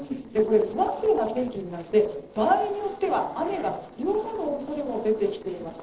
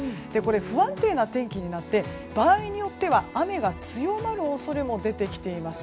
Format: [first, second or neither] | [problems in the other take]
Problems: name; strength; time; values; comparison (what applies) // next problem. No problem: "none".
second | noise reduction (neural separator model SepFormer DNS4)